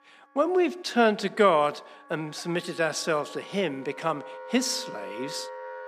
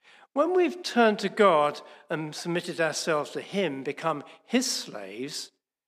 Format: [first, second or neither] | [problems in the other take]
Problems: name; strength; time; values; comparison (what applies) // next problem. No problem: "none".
second | background music; noticeable; throughout; 15 dB below the speech